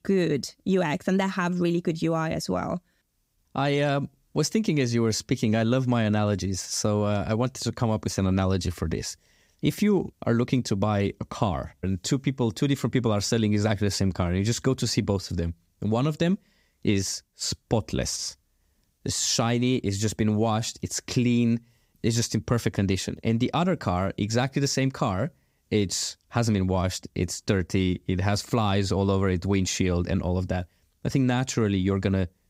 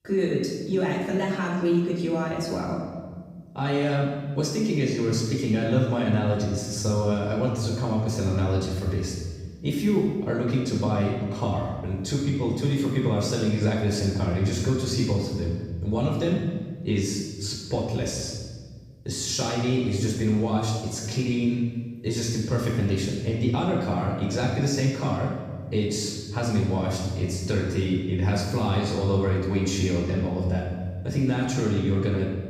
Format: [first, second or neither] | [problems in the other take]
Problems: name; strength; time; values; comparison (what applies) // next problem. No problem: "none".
first | off-mic speech; far // room echo; noticeable; dies away in 1.4 s